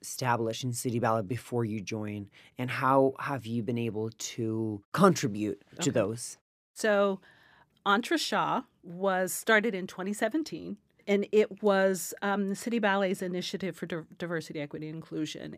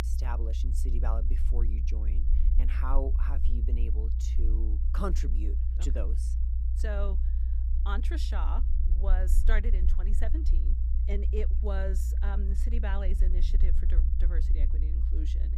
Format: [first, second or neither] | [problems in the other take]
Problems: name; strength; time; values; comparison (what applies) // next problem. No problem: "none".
first | low rumble; loud; throughout; 8 dB below the speech